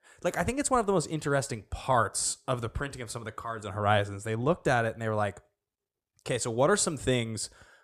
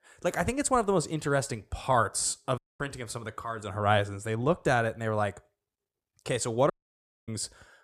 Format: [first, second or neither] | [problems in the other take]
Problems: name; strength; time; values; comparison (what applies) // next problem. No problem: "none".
first | audio cutting out; at 2.5 s and at 6.5 s for 0.5 s